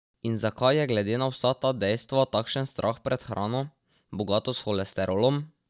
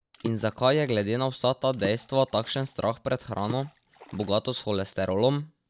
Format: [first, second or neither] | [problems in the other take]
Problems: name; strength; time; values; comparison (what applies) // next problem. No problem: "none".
first | background sound (Water / Splash, splatter); 17 dB below the speech